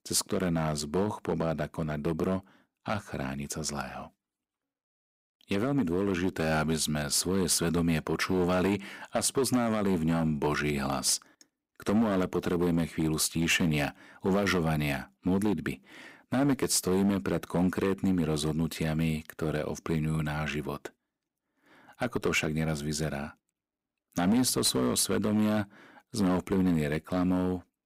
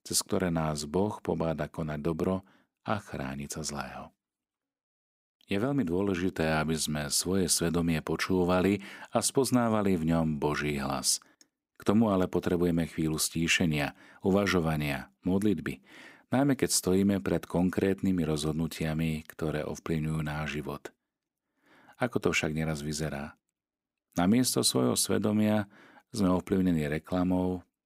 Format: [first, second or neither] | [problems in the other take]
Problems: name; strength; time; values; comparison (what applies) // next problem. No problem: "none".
second | distortion; slight; 5% of the sound clipped